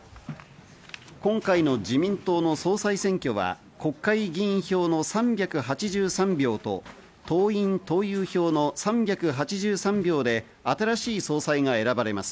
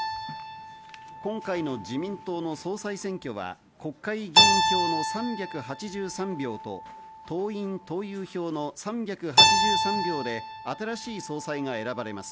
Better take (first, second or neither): first